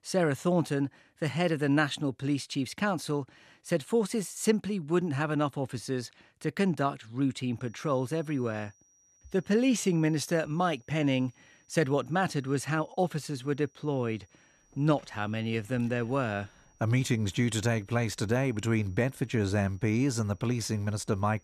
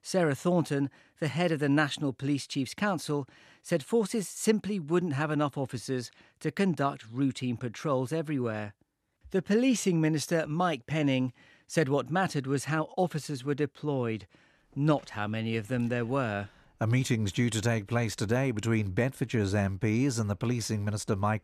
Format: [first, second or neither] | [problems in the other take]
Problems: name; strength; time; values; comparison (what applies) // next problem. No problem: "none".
second | high-pitched whine; faint; from 7.5 s on; 6 kHz, 35 dB below the speech